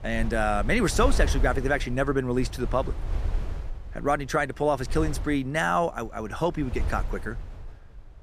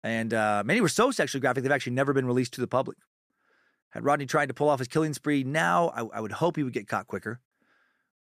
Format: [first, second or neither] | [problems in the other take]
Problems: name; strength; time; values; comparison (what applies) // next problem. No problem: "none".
second | wind noise on the microphone; occasional gusts; 15 dB below the speech